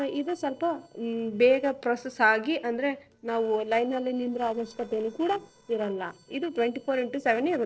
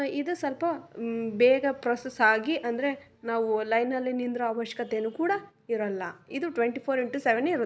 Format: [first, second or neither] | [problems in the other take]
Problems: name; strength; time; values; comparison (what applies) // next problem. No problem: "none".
second | noise reduction (neural separator model SepFormer DNS4)